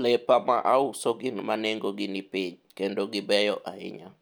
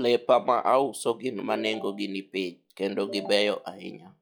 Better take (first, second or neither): first